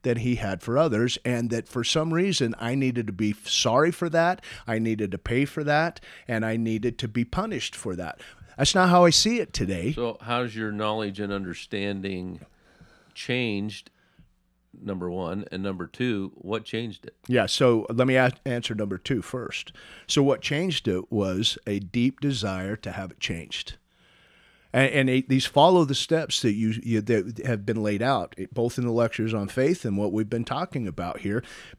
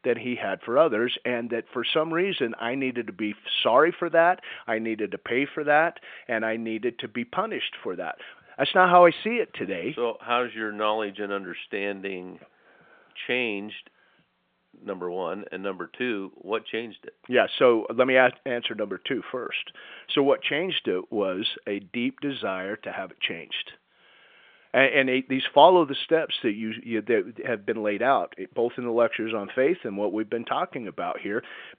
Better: first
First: none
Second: phone-call audio; nothing above 3.5 kHz

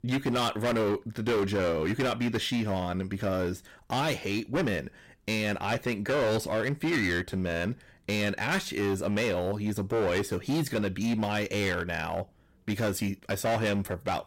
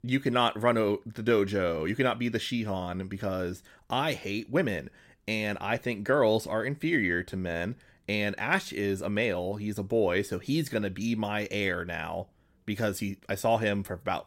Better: second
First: distortion; heavy; 15% of the sound clipped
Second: none

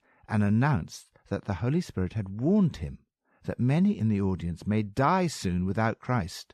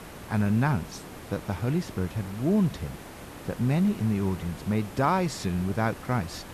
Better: first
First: none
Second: hiss; noticeable; throughout; 15 dB below the speech

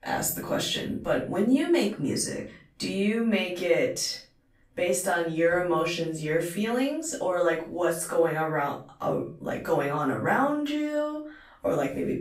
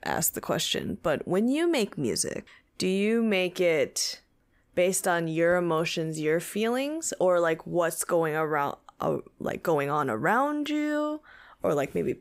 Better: second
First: off-mic speech; far // room echo; slight; dies away in 0.3 s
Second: none

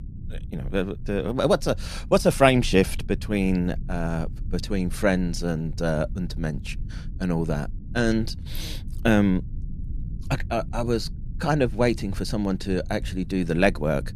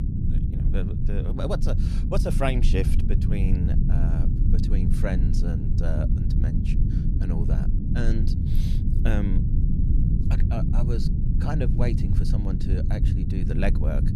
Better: first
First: low rumble; faint; throughout; 25 dB below the speech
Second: low rumble; loud; throughout; 2 dB below the speech

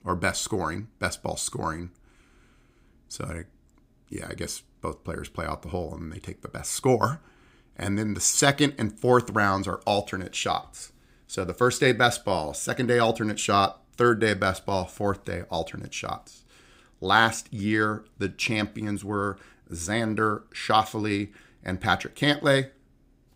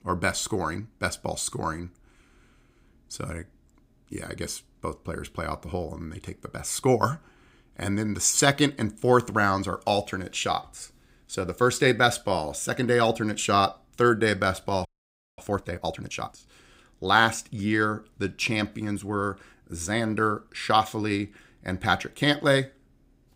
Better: first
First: none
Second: audio freezing; at 15 s for 0.5 s

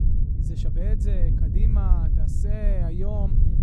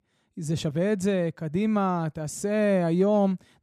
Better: second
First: low rumble; loud; throughout; 1 dB below the speech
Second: none

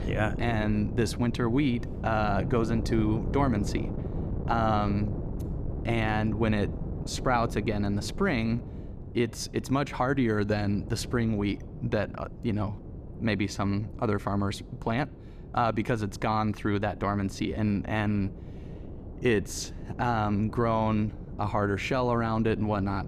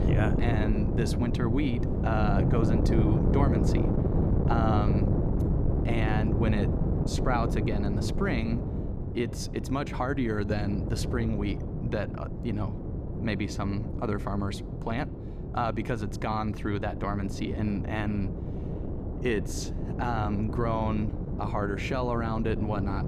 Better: first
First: wind noise on the microphone; occasional gusts; 15 dB below the speech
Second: wind noise on the microphone; heavy; 4 dB below the speech

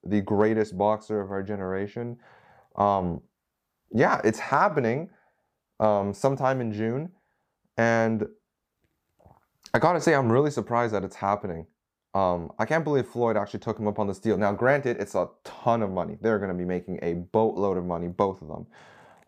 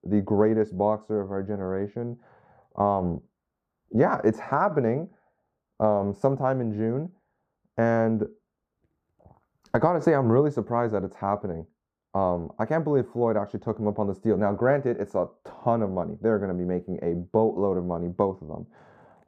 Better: first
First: none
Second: muffled; slightly; fading above 1 kHz

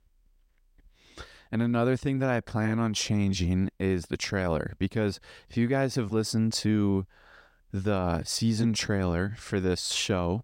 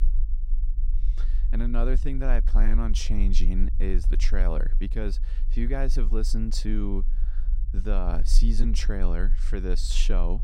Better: first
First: none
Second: low rumble; noticeable; throughout; 15 dB below the speech

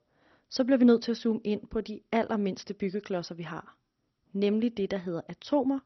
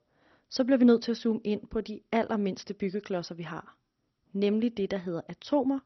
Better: neither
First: garbled, watery; slightly; nothing above 6 kHz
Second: garbled, watery; slightly; nothing above 6 kHz

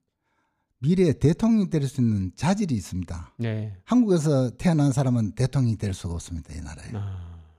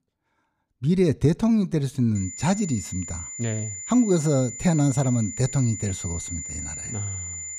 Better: first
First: none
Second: high-pitched whine; loud; from 2 s on; 7 kHz, 9 dB below the speech

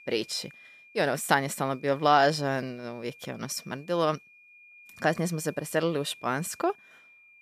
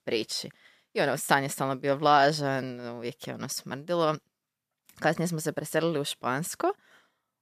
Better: second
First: high-pitched whine; faint; throughout; 2.5 kHz, 25 dB below the speech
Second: none

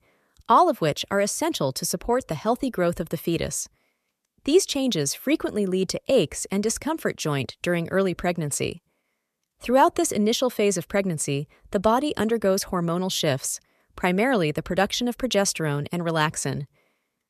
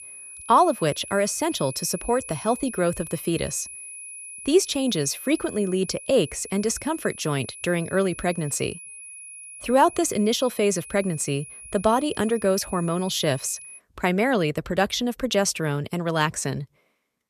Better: first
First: none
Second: high-pitched whine; noticeable; until 14 s; 10.5 kHz, 15 dB below the speech

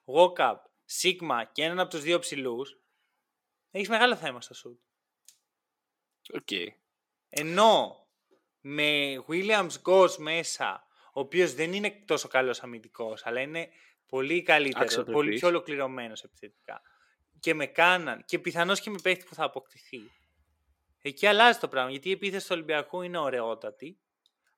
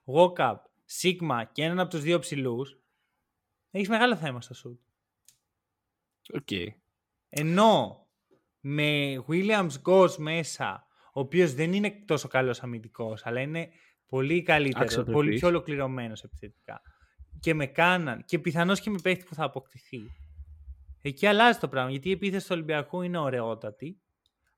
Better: second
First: thin; somewhat; fading below 350 Hz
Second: none

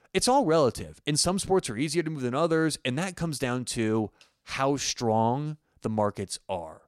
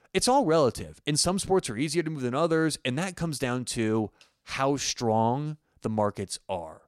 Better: neither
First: none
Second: none

